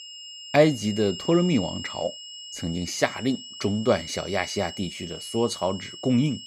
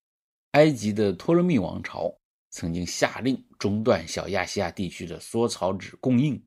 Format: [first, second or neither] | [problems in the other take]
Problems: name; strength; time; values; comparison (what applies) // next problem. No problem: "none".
second | high-pitched whine; noticeable; throughout; 3 kHz, 10 dB below the speech